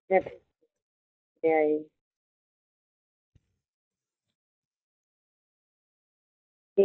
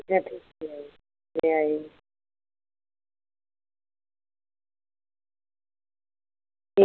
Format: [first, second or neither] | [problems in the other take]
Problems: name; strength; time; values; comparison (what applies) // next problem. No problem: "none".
second | noise reduction (neural mask model DeepFilterNet 3)